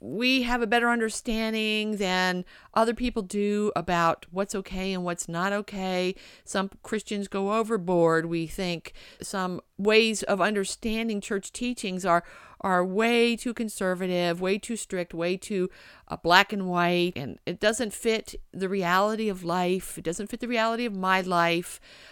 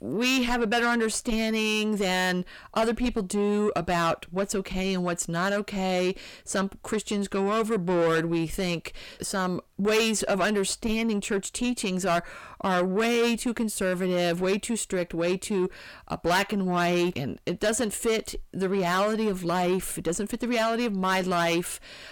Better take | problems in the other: first | distortion; heavy; 7 dB below the speech

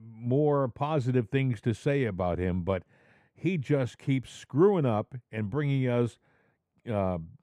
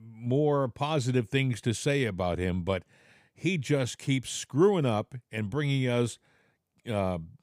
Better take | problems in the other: second | muffled; slightly; fading above 2.5 kHz

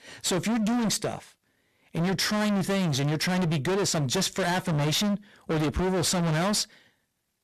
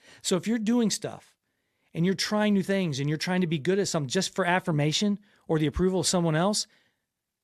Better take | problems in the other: second | distortion; heavy; 36% of the sound clipped

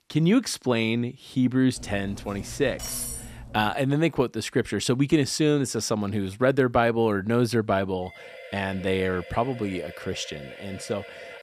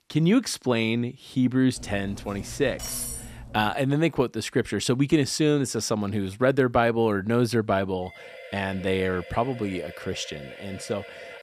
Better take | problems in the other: neither | clattering dishes; noticeable; from 2 to 3.5 s; peak 5 dB below the speech; the same in both // siren; faint; from 8 s on; peak 15 dB below the speech; the same in both

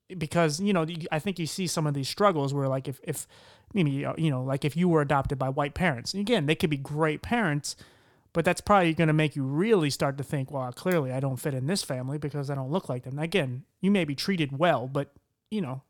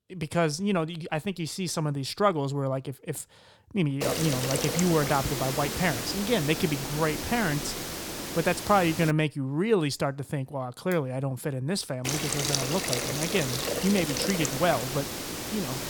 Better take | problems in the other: first | hiss; loud; from 4 to 9 s and from 12 s on; 2 dB below the speech

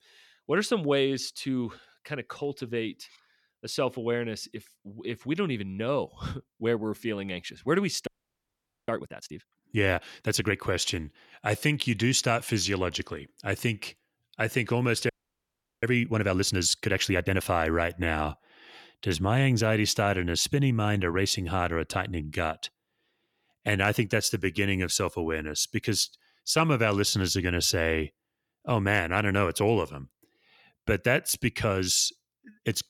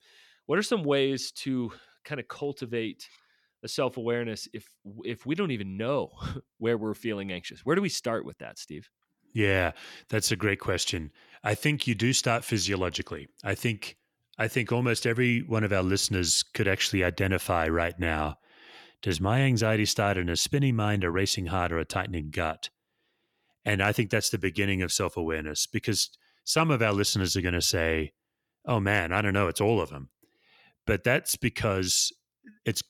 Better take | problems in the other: second | audio freezing; at 8 s for 1 s and at 15 s for 0.5 s

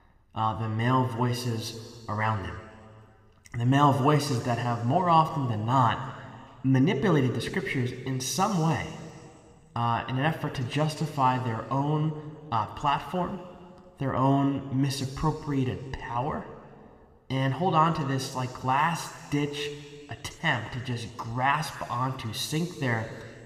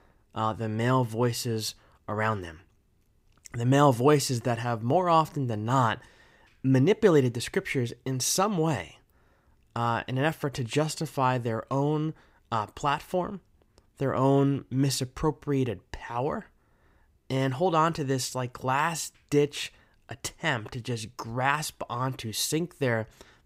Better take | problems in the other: second | room echo; slight; dies away in 2.1 s

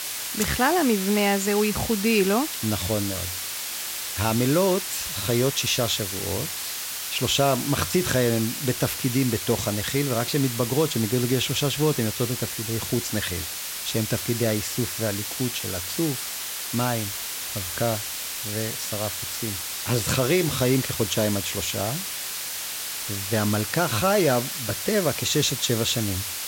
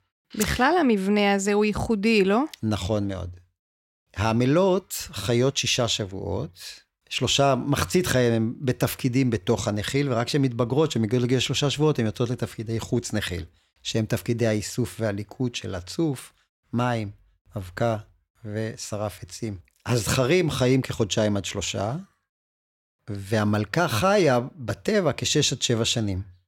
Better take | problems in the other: second | hiss; loud; throughout; 4 dB below the speech

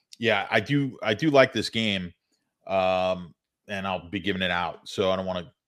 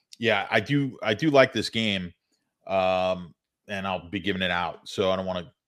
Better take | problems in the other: neither | none

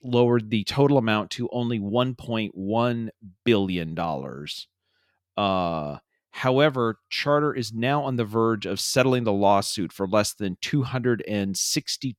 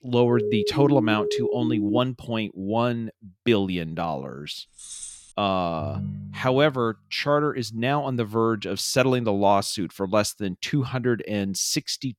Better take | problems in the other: first | siren; noticeable; until 2 s; peak 2 dB below the speech // jangling keys; faint; at 5 s; peak 10 dB below the speech // phone ringing; noticeable; at 6 s; peak 8 dB below the speech

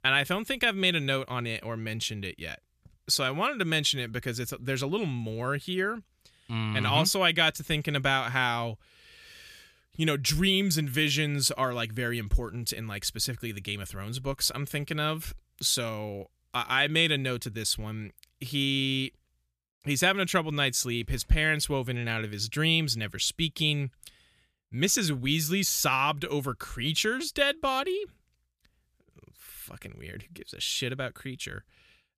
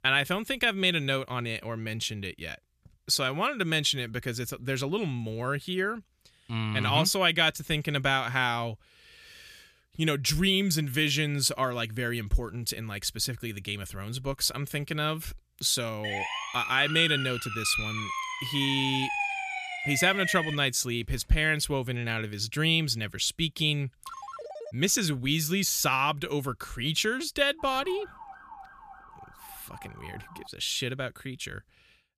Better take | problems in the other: first | siren; noticeable; from 16 to 21 s; peak 1 dB below the speech // phone ringing; faint; at 24 s; peak 15 dB below the speech // siren; faint; from 28 to 30 s; peak 15 dB below the speech

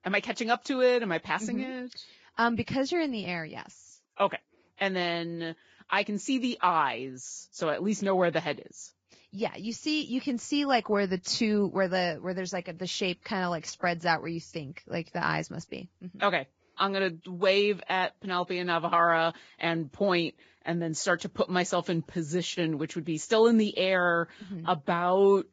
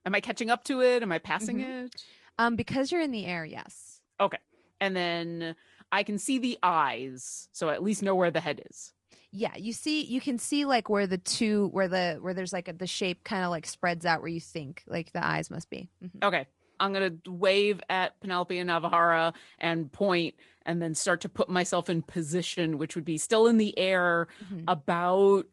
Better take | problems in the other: second | garbled, watery; badly; nothing above 7.5 kHz; slightly in the second

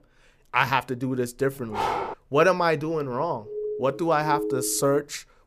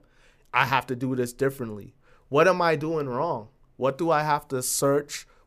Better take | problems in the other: second | dog barking; noticeable; at 1.5 s; peak 2 dB below the speech // siren; noticeable; from 3.5 s on; peak 5 dB below the speech

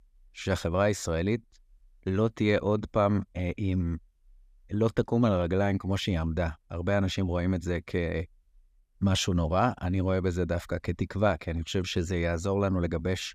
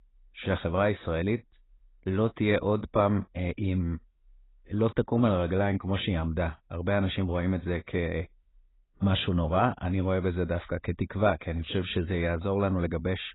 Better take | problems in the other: first | garbled, watery; badly; nothing above 4 kHz

